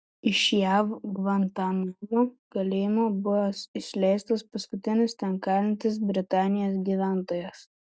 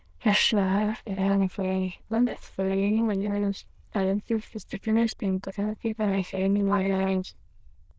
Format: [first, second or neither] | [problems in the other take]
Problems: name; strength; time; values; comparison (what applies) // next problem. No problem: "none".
first | noise reduction (neural diffusion model UNIVERSE++)